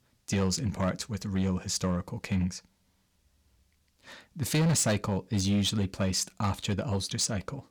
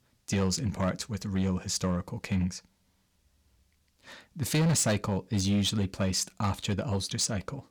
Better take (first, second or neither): neither